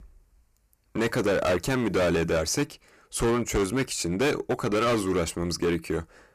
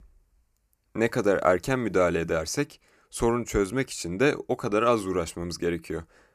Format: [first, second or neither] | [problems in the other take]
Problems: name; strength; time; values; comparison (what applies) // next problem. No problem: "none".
second | distortion; heavy; 14% of the sound clipped